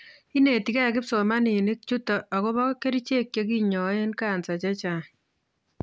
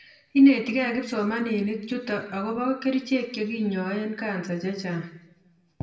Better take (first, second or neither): first